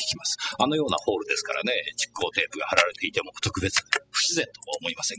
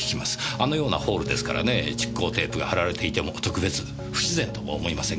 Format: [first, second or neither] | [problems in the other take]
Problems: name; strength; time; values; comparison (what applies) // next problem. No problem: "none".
second | noise reduction (classical method spectral subtraction)